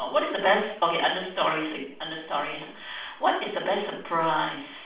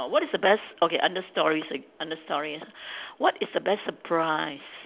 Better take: second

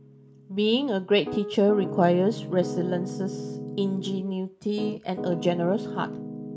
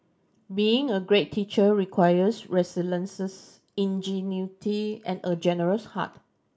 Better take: second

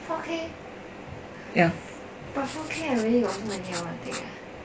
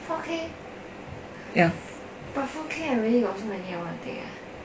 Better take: second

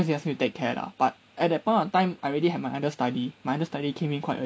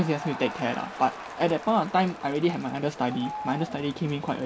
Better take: first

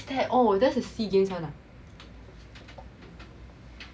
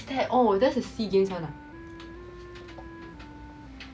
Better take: first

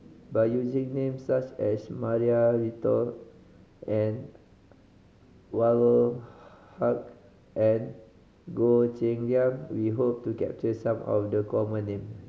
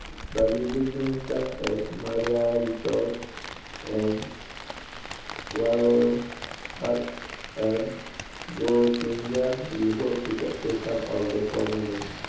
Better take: first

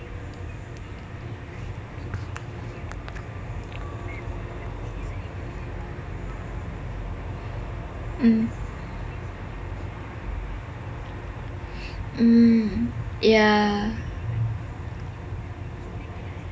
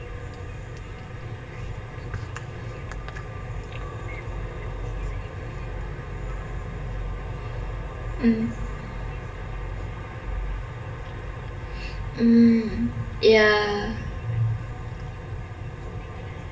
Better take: first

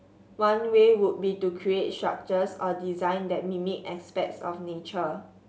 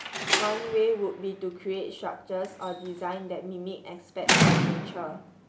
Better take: first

